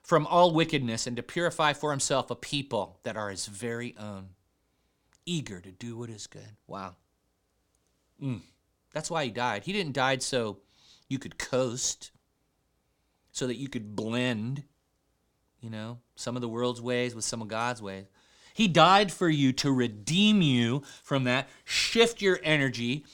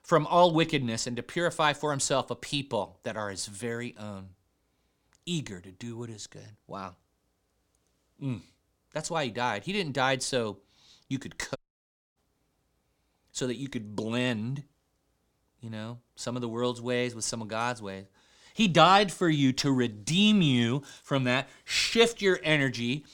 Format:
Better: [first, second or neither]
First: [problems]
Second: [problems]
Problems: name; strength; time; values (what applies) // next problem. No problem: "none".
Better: first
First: none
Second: audio cutting out; at 12 s for 0.5 s